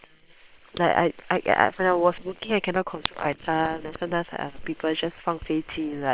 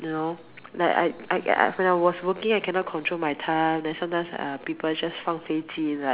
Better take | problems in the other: second | noise reduction (neural separator model SepFormer WHAM!)

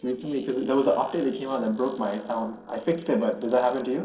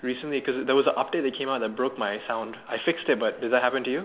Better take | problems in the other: second | noise reduction (neural separator model SepFormer DNS4)

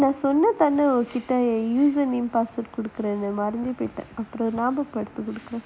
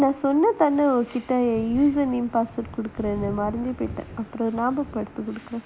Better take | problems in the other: first | background sound (Thunder); 17 dB below the speech

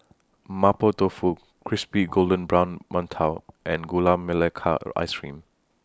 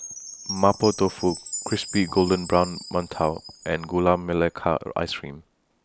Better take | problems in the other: first | background sound (Chime); 14 dB below the speech

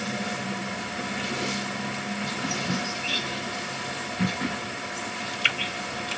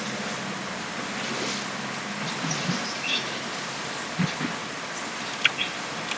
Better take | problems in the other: second | room echo; dies away in 0.4 s

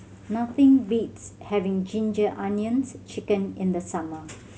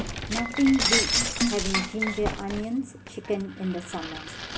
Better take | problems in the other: first | background sound (Shatter); as loud as the speech

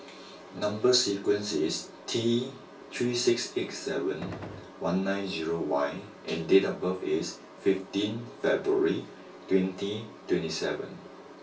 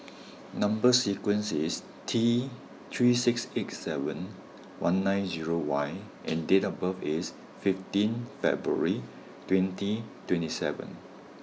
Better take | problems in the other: second | background sound (Gunshot, gunfire); 11 dB below the speech // room echo; dies away in 0.2 s

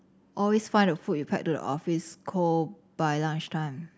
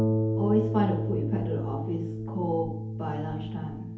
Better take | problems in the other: first | background sound (Harp); 1 dB above the speech // room echo; dies away in 2.2 s

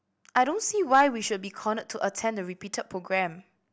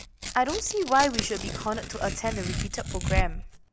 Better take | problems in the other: first | background sound (Tearing); 3 dB below the speech

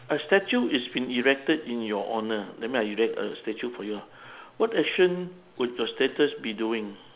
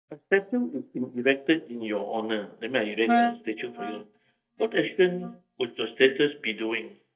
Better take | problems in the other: first | noise reduction (neural mask model DeepFilterNet 3)

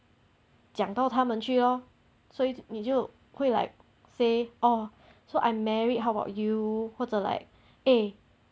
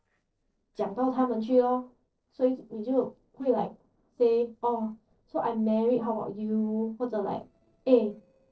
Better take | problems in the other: first | noise reduction (neural separator model SepFormer DNS4)

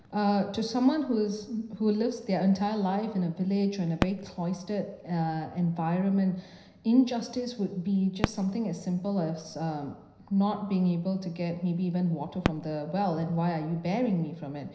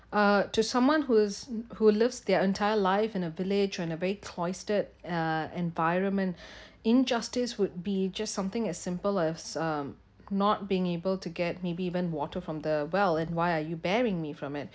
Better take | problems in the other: second | background sound (Fireworks); 14 dB below the speech // room echo; dies away in 0.9 s

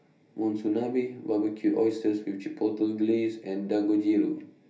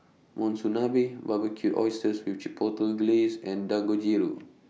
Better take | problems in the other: second | room echo; dies away in 0.3 s

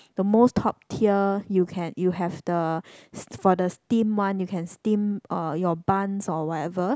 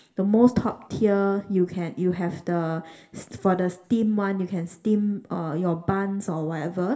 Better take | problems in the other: first | room echo; dies away in 0.7 s

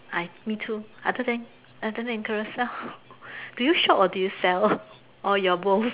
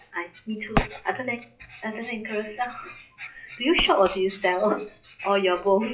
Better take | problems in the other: first | noise reduction (classical method WPE with log-MMSE)

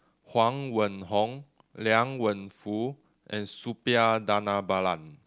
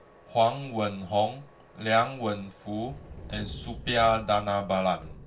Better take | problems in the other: first | background sound (Subway, metro, underground); 17 dB below the speech // room echo; dies away in 0.2 s

